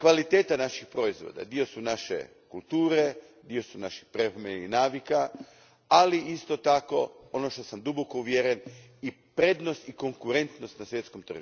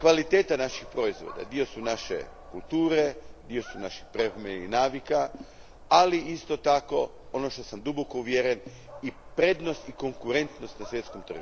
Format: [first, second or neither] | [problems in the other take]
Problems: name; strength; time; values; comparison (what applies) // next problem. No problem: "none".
first | background sound (Dog); 17 dB below the speech